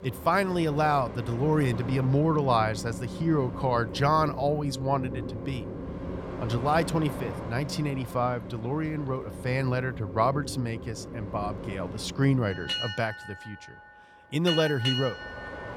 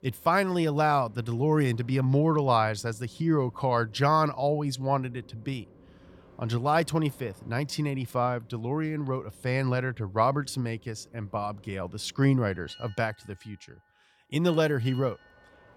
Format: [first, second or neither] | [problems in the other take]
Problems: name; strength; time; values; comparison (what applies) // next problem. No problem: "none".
second | train or aircraft noise; loud; throughout; 8 dB below the speech; faint in the second